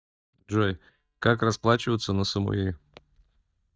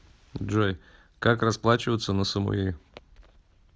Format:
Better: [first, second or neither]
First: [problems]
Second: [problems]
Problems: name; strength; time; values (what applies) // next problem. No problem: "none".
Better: second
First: noise reduction (neural mask model DeepFilterNet 3)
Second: none